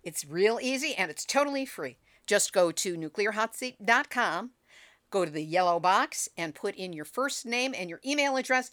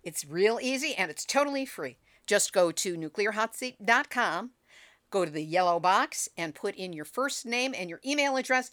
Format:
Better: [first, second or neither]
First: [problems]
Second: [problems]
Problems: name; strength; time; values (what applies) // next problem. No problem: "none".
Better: neither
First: none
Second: none